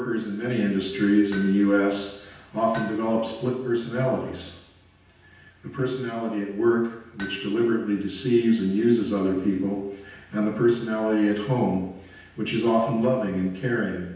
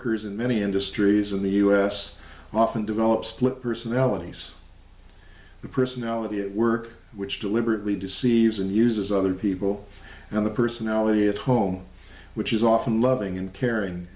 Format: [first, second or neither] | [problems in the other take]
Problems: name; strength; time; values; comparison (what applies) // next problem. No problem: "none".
second | background sound (Hammer); 19 dB below the speech // room echo; dies away in 0.9 s